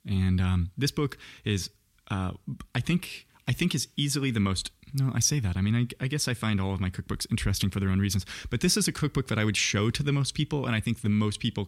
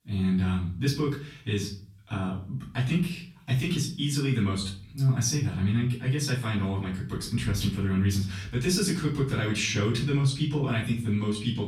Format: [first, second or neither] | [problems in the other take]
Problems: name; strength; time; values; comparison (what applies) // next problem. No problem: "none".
first | off-mic speech; far // room echo; slight; dies away in 0.4 s